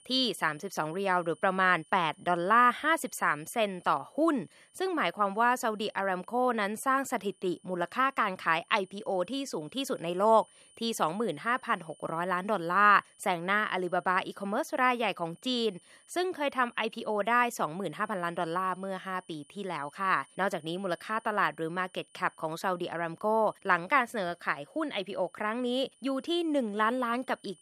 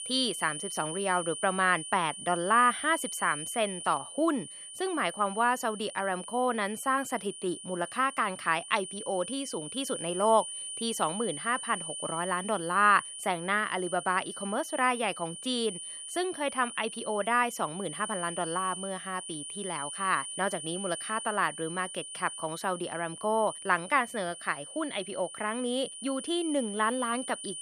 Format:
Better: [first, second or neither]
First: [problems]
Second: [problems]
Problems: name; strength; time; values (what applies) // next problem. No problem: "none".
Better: first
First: high-pitched whine; faint; throughout; 9.5 kHz, 30 dB below the speech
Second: high-pitched whine; loud; throughout; 9.5 kHz, 8 dB below the speech